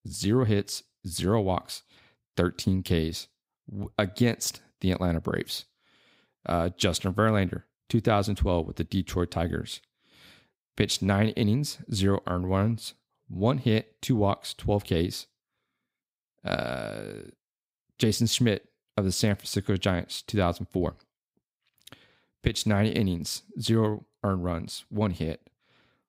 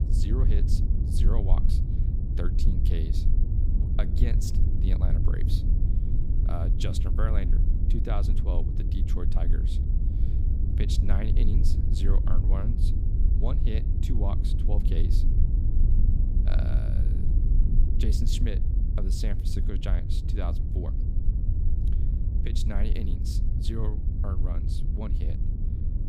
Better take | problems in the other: first | low rumble; loud; throughout; 2 dB below the speech

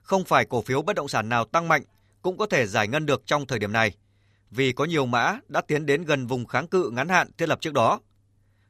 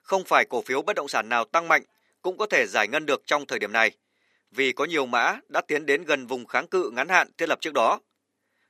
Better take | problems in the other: first | thin; somewhat; fading below 300 Hz

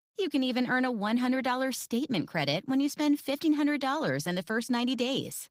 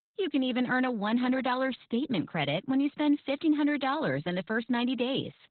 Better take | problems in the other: first | garbled, watery; badly; nothing above 4 kHz; slightly in the first

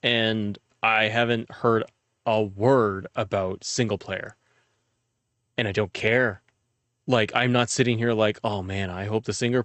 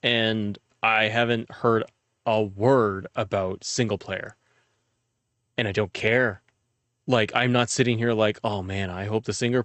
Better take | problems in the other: neither | garbled, watery; slightly; nothing above 8.5 kHz; the same in both

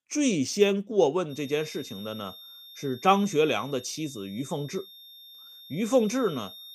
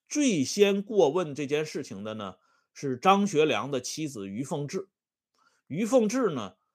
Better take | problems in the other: second | high-pitched whine; noticeable; from 1.5 s on; 3.5 kHz, 15 dB below the speech

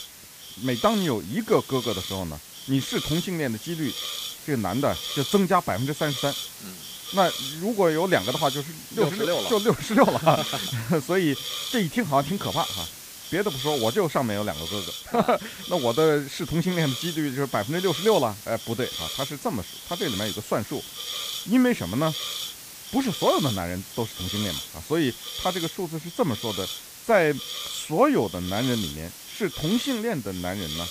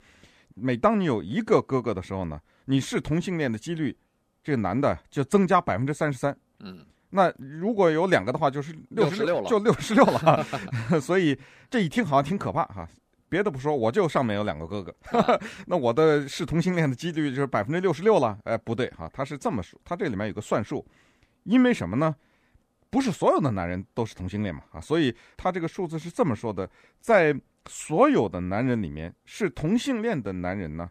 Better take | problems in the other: second | hiss; loud; throughout; 7 dB below the speech

